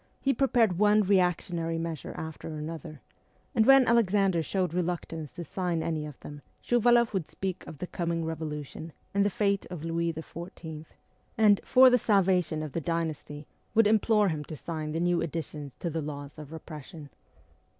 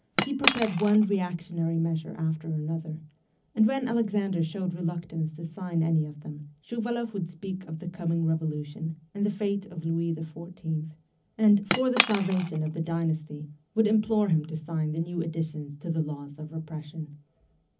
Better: first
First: none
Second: background sound (Cutlery, silverware / Chink, clink); 4 dB below the speech // room echo; dies away in 0.4 s

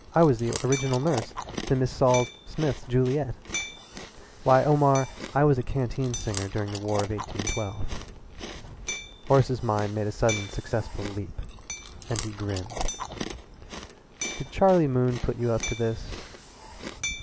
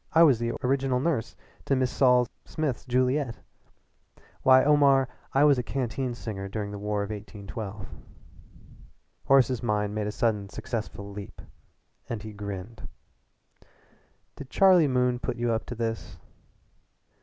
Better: second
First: background sound (Chewing, mastication + Hammer); 11 dB below the speech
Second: none

